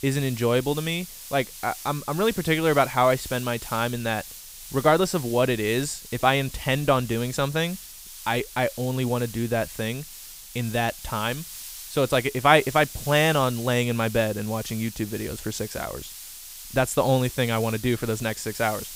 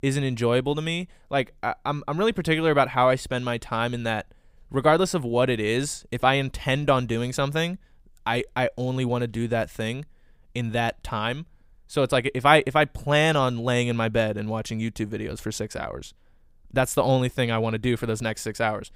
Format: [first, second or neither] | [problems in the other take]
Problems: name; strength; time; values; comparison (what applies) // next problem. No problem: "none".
second | hiss; noticeable; throughout; 15 dB below the speech